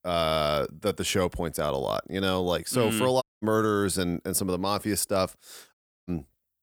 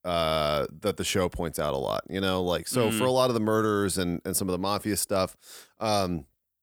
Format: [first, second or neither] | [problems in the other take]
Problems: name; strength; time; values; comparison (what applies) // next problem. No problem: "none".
second | audio cutting out; at 3 s and at 5.5 s